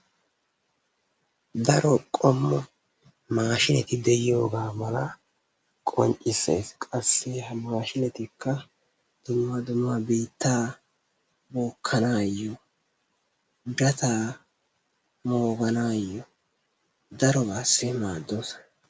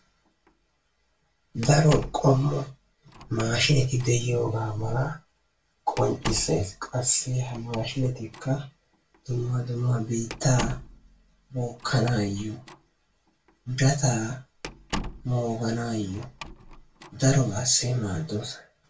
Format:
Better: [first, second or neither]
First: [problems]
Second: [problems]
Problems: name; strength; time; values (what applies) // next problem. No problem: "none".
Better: first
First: none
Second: background sound (Slam); 14 dB below the speech // room echo; dies away in 0.2 s